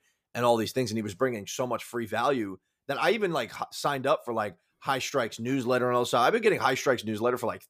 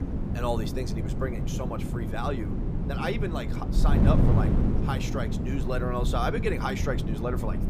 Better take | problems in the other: first | wind noise on the microphone; heavy; 4 dB below the speech

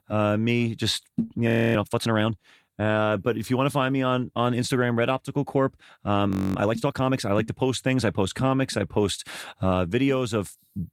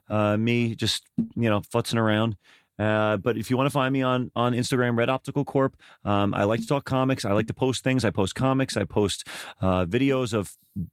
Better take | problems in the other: second | audio freezing; at 1.5 s and at 6.5 s

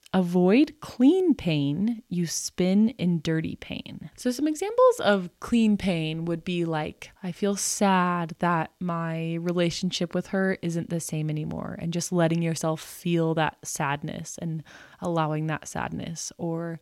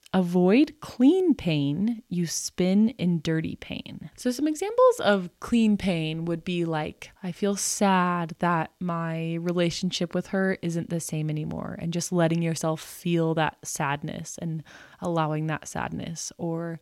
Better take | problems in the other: neither | none

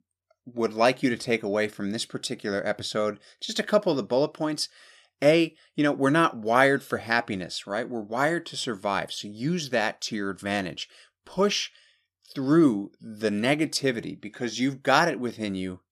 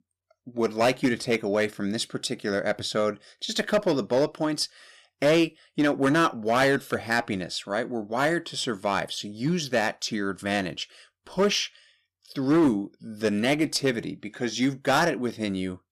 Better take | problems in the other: first | distortion; slight; 4% of the sound clipped

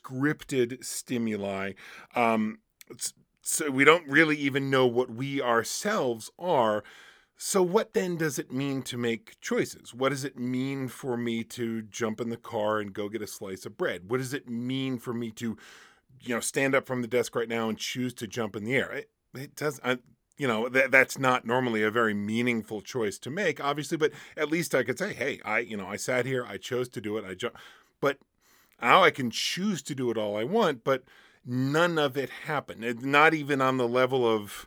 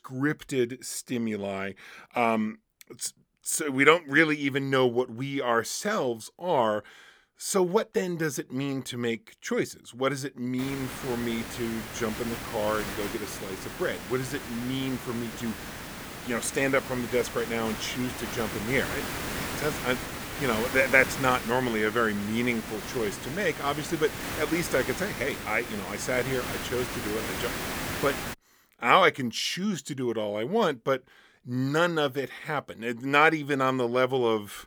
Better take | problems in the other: first | hiss; loud; from 11 to 28 s; 7 dB below the speech

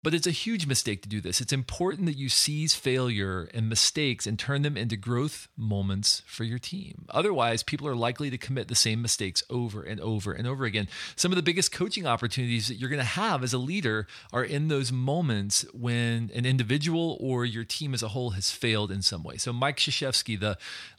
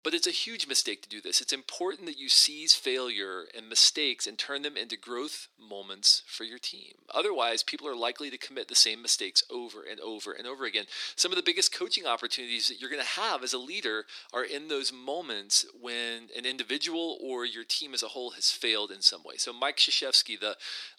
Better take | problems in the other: first | thin; very; fading below 300 Hz

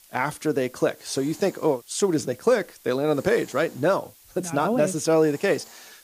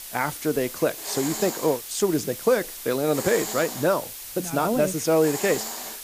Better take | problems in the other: first | hiss; loud; throughout; 8 dB below the speech; faint in the first

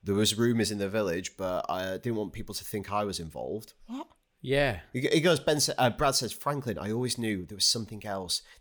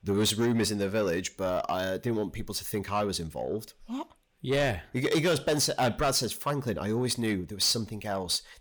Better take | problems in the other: first | distortion; slight; 10 dB below the speech

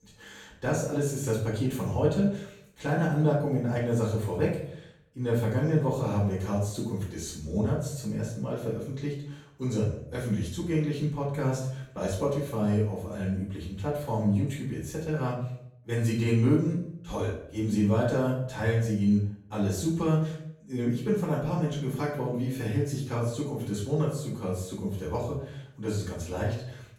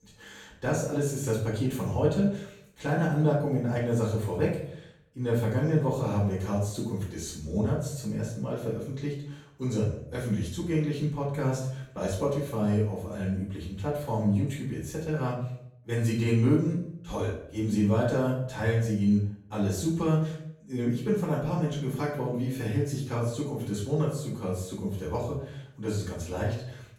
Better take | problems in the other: neither | off-mic speech; far; the same in both // room echo; noticeable; dies away in 0.5 s; the same in both

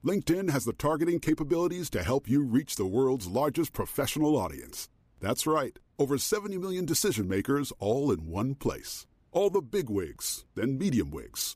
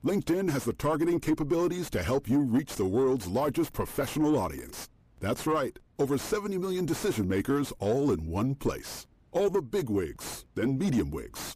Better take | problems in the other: first | distortion; slight; 10 dB below the speech

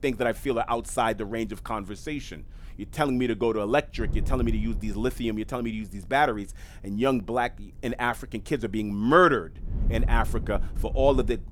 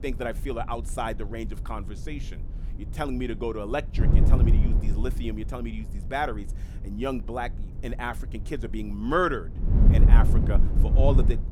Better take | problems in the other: first | wind noise on the microphone; heavy; 8 dB below the speech; occasional gusts in the first

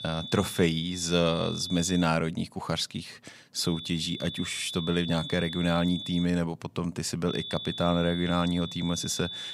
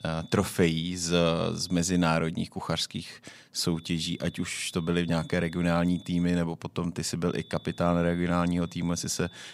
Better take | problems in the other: second | high-pitched whine; loud; until 2 s, from 3.5 to 6 s and from 7.5 s on; 3.5 kHz, 8 dB below the speech; faint in the second

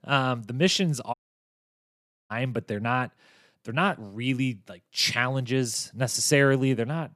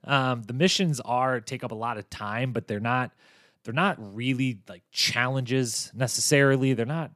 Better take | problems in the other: second | audio cutting out; at 1 s for 1 s

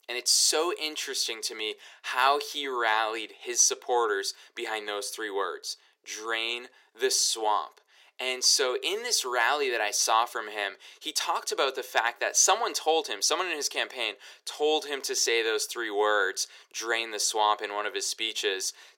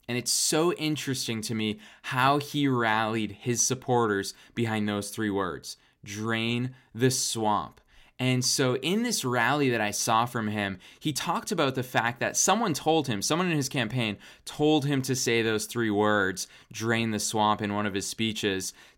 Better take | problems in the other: second | thin; very; fading below 400 Hz

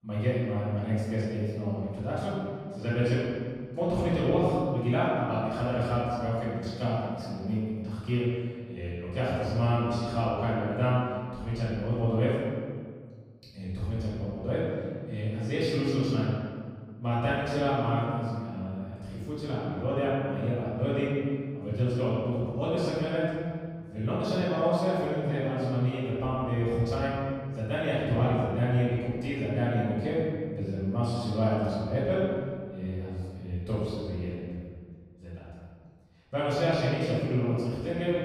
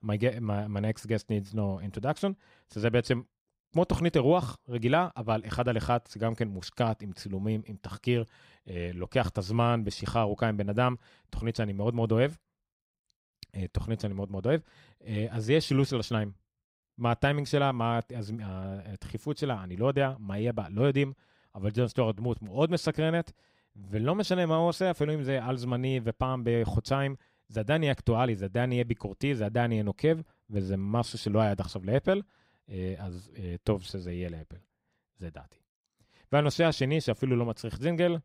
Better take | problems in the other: second | room echo; strong; dies away in 1.8 s // off-mic speech; far

